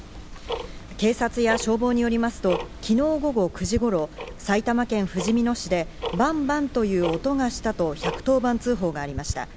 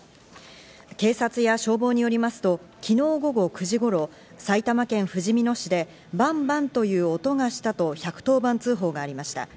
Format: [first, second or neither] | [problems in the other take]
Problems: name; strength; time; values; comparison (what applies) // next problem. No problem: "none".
second | background sound (Tick-tock); 11 dB below the speech